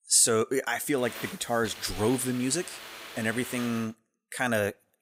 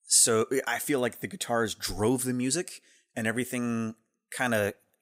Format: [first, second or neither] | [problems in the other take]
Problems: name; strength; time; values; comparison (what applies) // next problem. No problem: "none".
second | hiss; noticeable; from 1 to 4 s; 15 dB below the speech